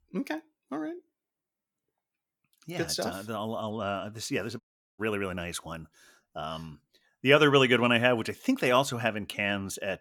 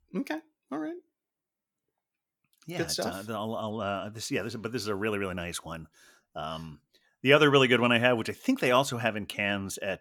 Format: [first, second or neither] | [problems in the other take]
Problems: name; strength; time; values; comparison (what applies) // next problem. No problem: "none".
second | audio cutting out; at 4.5 s